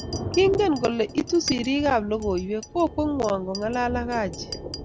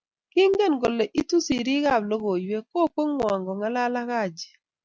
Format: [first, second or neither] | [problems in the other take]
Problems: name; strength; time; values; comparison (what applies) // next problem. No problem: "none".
second | background sound (Thunder + Chink, clink); 10 dB below the speech